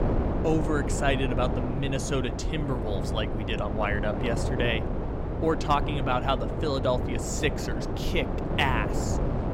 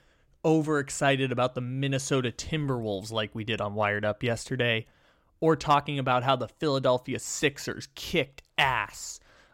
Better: second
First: wind noise on the microphone; heavy; 5 dB below the speech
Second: none

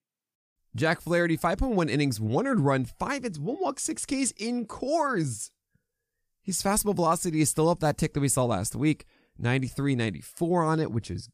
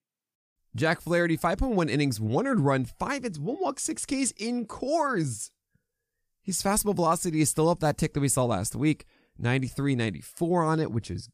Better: neither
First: none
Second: none

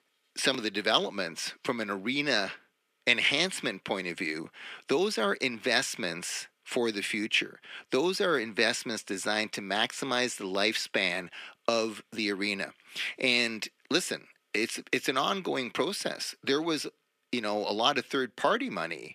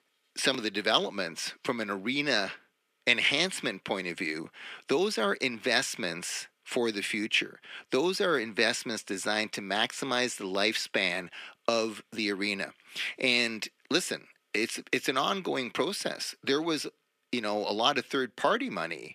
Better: neither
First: thin; somewhat; fading below 250 Hz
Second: thin; somewhat; fading below 250 Hz

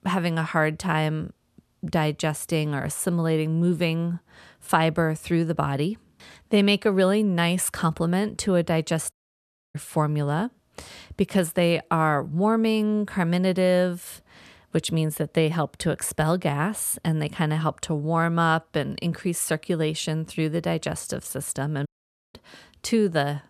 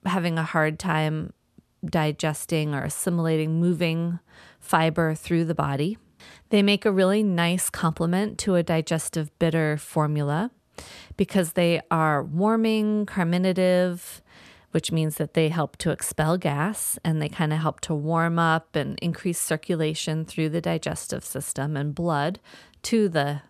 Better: second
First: audio cutting out; at 9 s for 0.5 s and at 22 s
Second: none

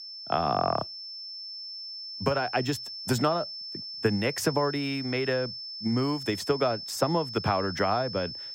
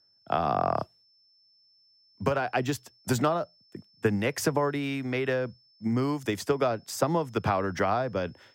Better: second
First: high-pitched whine; loud; throughout; 5.5 kHz, 8 dB below the speech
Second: high-pitched whine; faint; throughout; 5.5 kHz, 30 dB below the speech

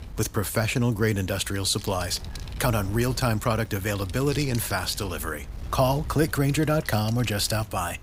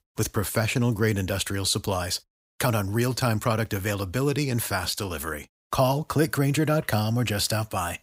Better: second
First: wind noise on the microphone; occasional gusts; 20 dB below the speech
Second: none

